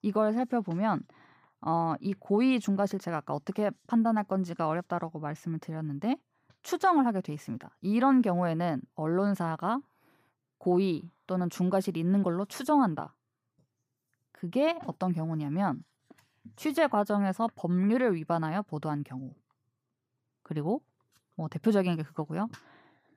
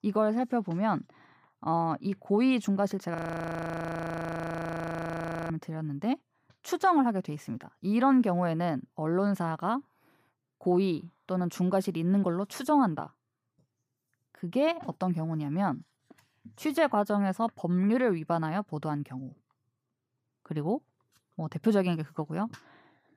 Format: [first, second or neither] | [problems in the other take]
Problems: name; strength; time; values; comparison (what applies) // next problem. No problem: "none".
first | audio freezing; at 3 s for 2.5 s